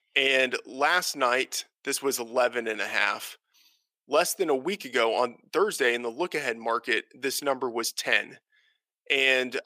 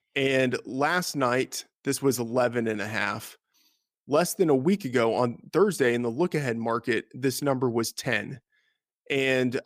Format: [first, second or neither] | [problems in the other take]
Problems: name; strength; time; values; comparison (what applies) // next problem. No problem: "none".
second | thin; somewhat; fading below 500 Hz